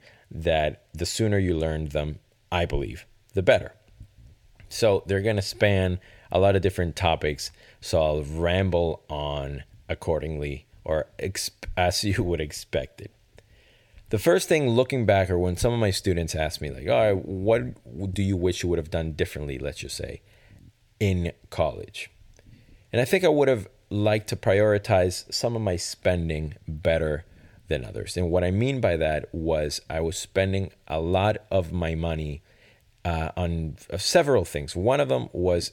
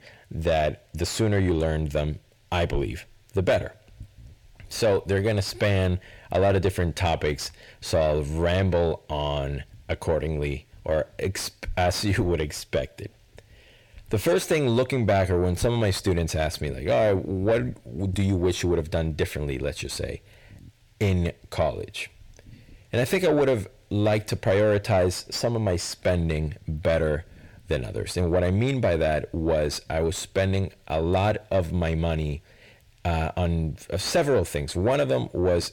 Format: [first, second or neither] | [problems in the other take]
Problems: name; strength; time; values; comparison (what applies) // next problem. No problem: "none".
first | distortion; slight; 10 dB below the speech